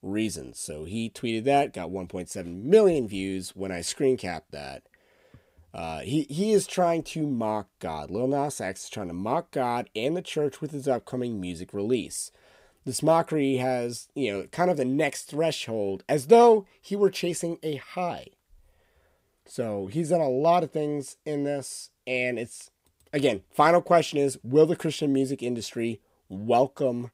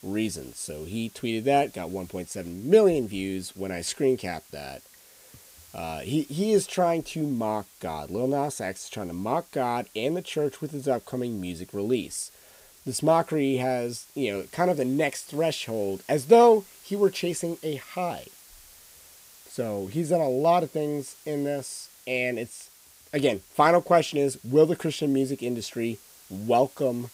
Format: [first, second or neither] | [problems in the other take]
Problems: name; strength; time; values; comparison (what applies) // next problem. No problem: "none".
first | hiss; faint; throughout; 25 dB below the speech